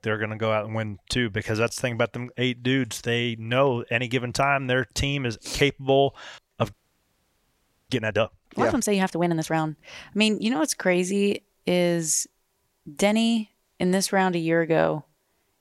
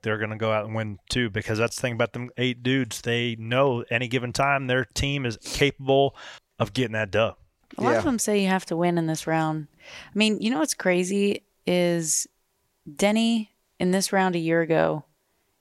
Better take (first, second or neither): second